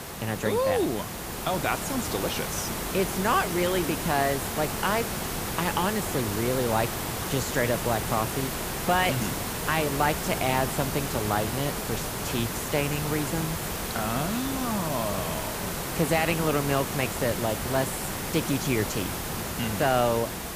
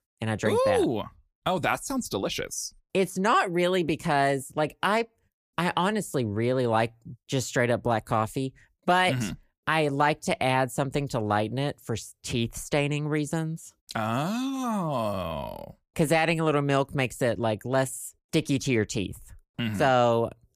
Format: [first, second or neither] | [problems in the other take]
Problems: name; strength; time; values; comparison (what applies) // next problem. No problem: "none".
second | hiss; loud; throughout; 2 dB below the speech